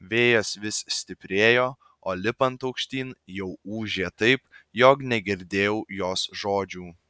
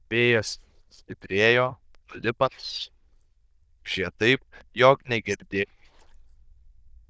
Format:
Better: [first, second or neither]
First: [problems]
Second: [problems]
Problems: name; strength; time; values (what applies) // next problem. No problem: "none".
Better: first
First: none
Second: noise reduction (neural diffusion model UNIVERSE++)